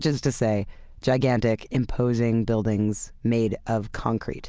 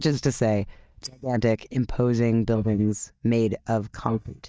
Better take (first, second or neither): first